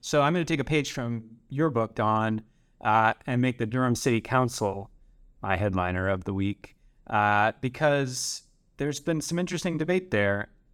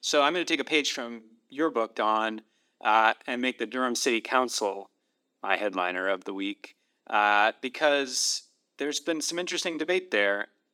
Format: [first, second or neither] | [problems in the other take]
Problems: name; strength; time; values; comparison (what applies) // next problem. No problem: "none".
first | thin; somewhat; fading below 250 Hz